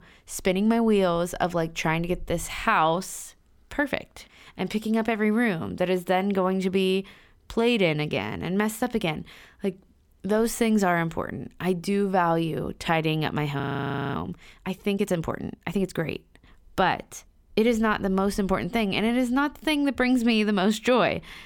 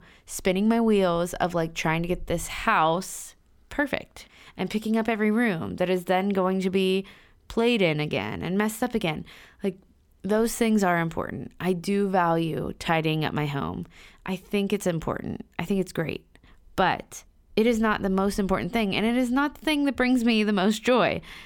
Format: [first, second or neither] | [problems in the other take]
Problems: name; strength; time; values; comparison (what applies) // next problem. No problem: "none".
second | audio freezing; at 14 s for 0.5 s